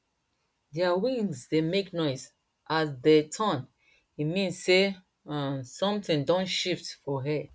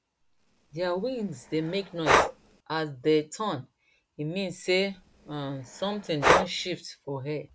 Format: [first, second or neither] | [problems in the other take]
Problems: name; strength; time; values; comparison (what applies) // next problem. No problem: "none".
first | background sound (Breathing); 1 dB above the speech